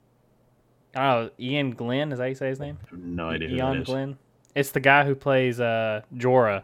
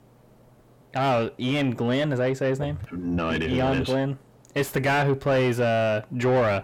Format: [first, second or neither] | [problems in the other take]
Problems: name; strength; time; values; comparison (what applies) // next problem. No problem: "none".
first | distortion; heavy; 6 dB below the speech